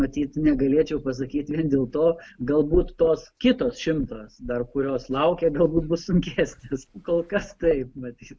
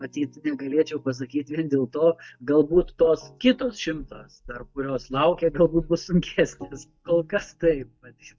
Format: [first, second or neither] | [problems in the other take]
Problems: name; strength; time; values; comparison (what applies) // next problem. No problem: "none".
first | noise reduction (neural mask model DeepFilterNet 3)